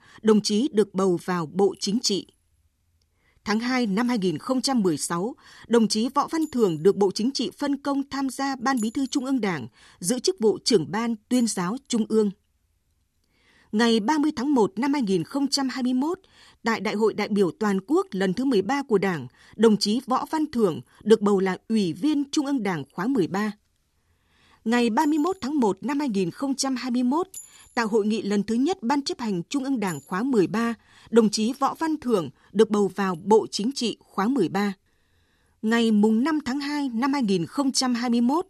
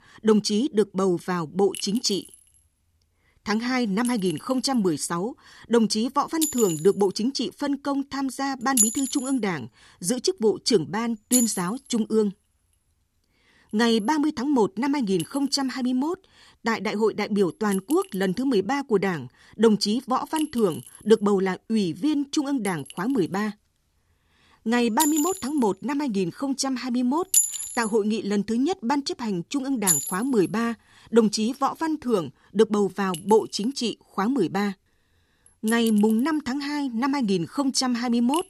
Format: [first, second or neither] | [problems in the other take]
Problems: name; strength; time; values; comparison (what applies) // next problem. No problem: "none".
first | household noises; loud; throughout; 3 dB below the speech; faint in the first